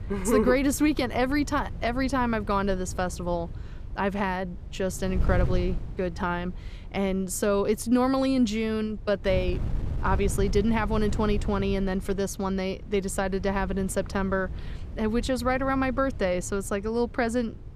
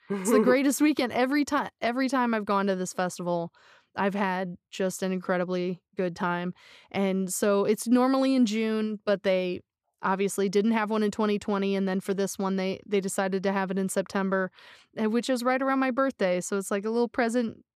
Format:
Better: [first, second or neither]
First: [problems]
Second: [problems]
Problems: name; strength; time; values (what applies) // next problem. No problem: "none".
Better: second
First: wind noise on the microphone; occasional gusts; 20 dB below the speech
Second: none